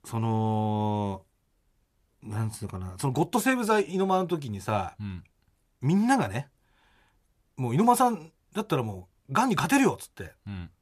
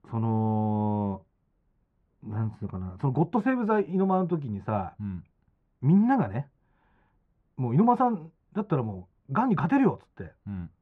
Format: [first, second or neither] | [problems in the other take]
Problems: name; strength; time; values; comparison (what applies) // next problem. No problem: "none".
first | muffled; very; fading above 1.5 kHz